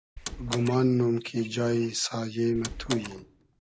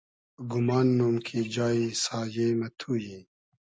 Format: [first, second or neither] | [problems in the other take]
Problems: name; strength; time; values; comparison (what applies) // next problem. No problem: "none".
second | background sound (Door); 11 dB below the speech